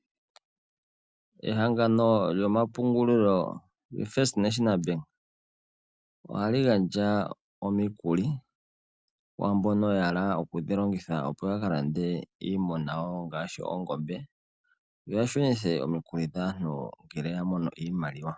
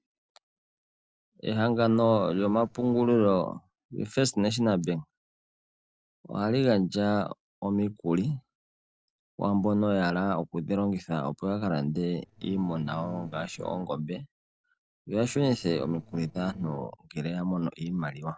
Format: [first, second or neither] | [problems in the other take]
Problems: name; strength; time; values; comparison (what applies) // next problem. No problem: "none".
first | noise reduction (neural separator model SepFormer DNS4)